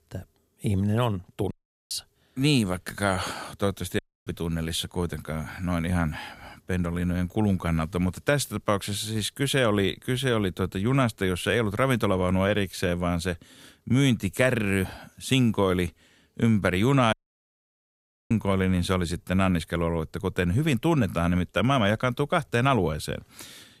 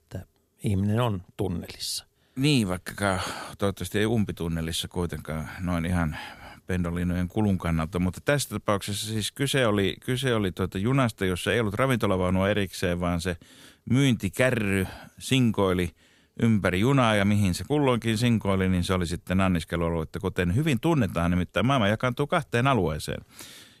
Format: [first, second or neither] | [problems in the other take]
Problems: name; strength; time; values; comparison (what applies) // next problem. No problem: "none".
second | audio cutting out; at 1.5 s, at 4 s and at 17 s for 1 s